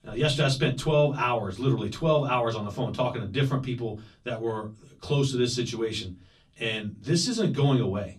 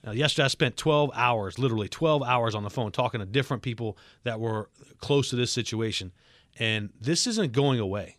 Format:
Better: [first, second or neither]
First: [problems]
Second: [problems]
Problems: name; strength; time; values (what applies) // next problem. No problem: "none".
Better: second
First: off-mic speech; far // room echo; very slight; dies away in 0.2 s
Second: none